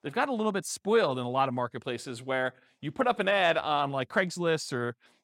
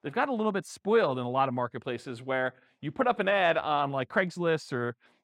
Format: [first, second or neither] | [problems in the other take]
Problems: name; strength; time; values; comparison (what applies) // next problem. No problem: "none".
first | muffled; slightly; fading above 4 kHz